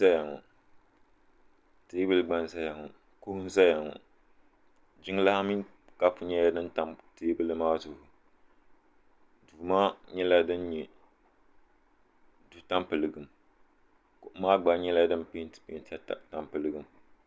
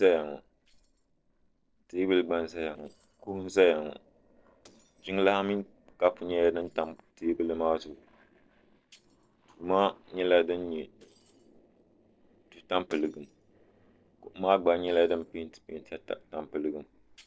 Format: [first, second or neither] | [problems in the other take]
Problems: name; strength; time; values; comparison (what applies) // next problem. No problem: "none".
first | noise reduction (neural separator model SepFormer DNS4)